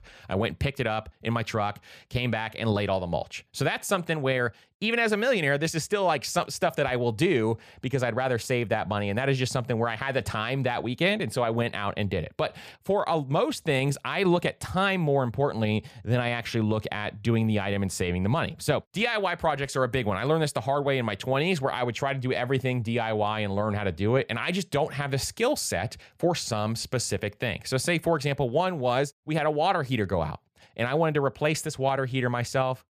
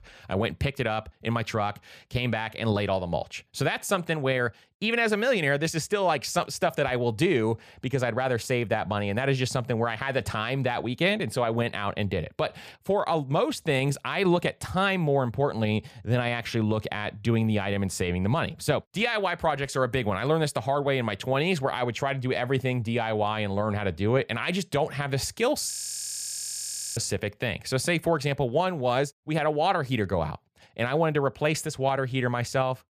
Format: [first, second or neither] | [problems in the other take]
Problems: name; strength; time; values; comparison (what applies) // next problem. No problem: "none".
first | audio freezing; at 26 s for 1.5 s